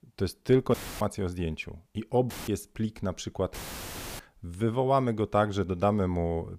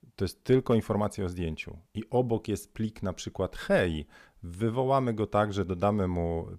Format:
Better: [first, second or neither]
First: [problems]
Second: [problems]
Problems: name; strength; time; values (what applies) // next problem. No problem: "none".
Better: second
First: audio cutting out; filled with static; at 0.5 s, at 2.5 s and at 3.5 s for 0.5 s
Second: none